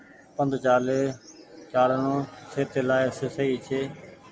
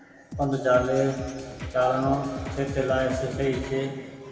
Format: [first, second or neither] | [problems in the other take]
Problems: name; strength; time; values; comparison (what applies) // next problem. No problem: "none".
first | background sound (Drum kit); 12 dB below the speech // room echo; dies away in 2 s